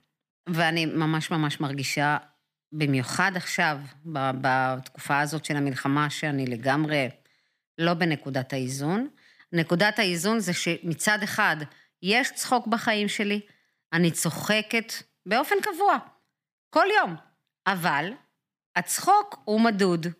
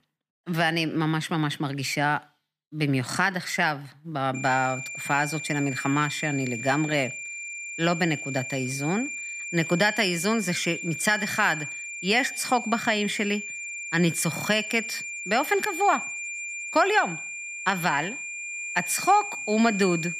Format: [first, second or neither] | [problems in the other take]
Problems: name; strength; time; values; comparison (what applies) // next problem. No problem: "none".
first | high-pitched whine; loud; from 4.5 s on; 2.5 kHz, 7 dB below the speech